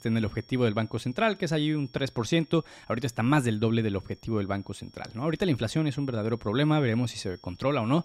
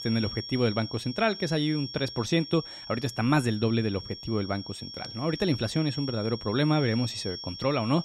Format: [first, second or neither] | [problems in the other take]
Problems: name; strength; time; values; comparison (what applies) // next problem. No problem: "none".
first | high-pitched whine; loud; throughout; 5.5 kHz, 10 dB below the speech; faint in the first